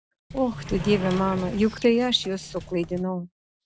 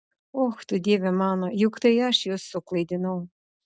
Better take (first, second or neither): second